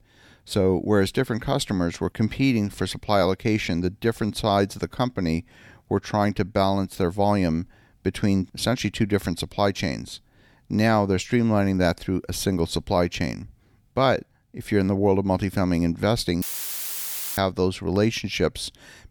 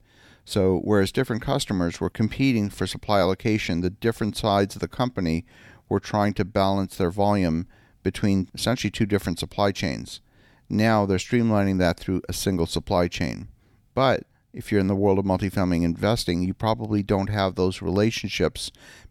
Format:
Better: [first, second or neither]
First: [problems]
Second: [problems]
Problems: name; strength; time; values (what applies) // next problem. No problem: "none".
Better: second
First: audio cutting out; filled with static; at 16 s for 1 s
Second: none